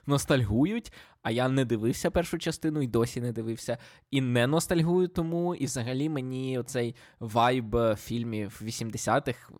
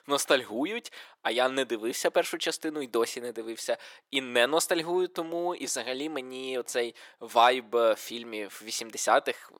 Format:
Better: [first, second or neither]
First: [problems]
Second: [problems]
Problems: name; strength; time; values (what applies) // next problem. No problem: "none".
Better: first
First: none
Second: thin; very; fading below 400 Hz